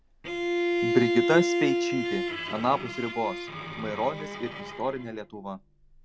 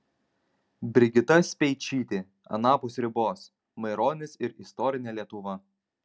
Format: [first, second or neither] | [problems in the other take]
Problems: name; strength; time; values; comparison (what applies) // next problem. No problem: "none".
second | background sound (Bowed string instrument); as loud as the speech